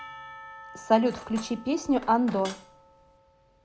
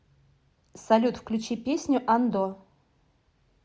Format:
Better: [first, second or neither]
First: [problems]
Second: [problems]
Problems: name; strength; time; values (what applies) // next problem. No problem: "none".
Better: second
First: background sound (Cutlery, silverware + Percussion); 16 dB below the speech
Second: none